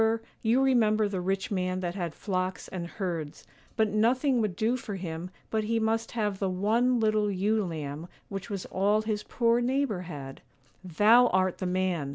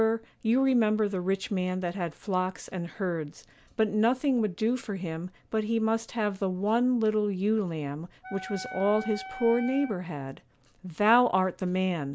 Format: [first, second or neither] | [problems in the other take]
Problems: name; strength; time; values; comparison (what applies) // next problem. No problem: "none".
first | background sound (Wind instrument, woodwind instrument); 13 dB below the speech